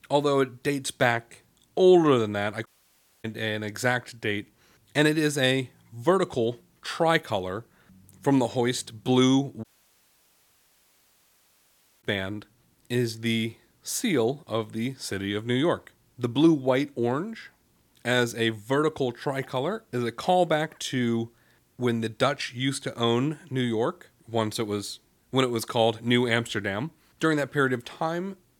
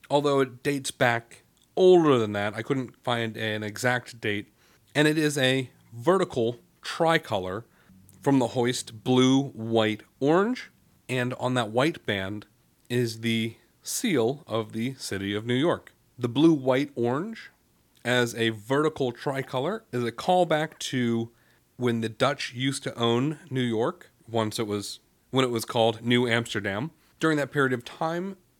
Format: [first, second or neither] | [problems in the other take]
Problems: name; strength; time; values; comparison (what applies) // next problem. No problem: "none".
second | audio cutting out; at 2.5 s for 0.5 s and at 9.5 s for 2.5 s